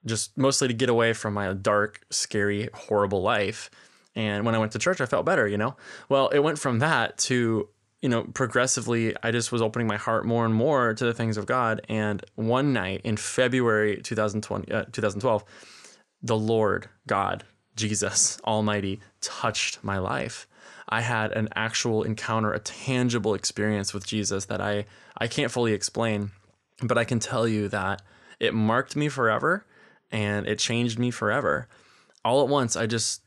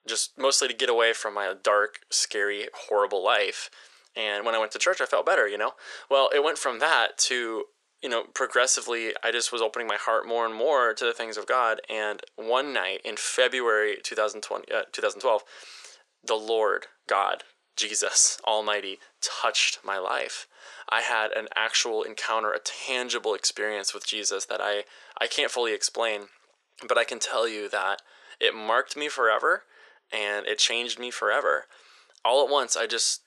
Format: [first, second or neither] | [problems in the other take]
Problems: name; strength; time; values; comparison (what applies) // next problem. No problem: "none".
first | thin; very; fading below 450 Hz